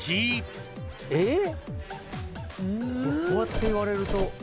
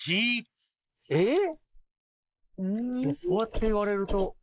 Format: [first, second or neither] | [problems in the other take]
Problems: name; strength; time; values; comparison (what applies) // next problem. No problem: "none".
first | noise reduction (neural mask model Resemble Enhance denoiser)